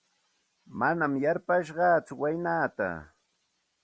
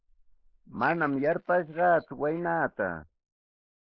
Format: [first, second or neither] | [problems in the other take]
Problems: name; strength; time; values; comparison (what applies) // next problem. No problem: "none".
first | noise reduction (neural mask model Resemble Enhance denoiser)